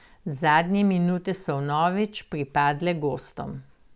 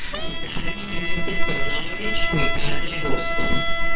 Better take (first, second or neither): first